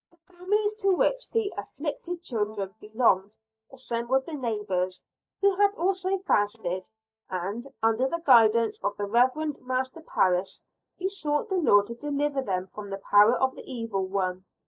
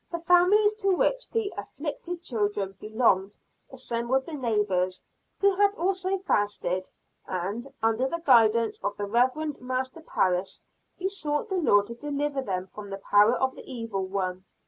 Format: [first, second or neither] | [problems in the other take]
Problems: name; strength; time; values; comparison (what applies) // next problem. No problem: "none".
second | noise reduction (neural mask model DeepFilterNet 3)